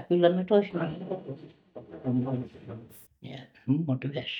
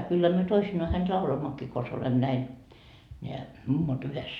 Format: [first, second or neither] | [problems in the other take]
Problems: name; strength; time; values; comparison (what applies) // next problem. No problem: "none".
second | noise reduction (neural mask model DeepFilterNet 3)